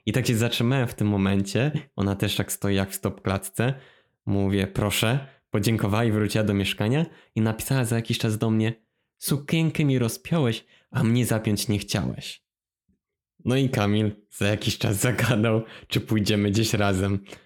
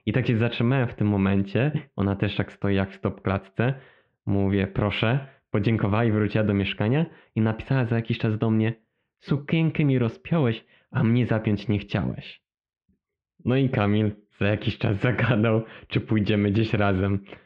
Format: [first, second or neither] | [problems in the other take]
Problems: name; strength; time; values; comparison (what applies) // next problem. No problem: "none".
first | muffled; very; fading above 3 kHz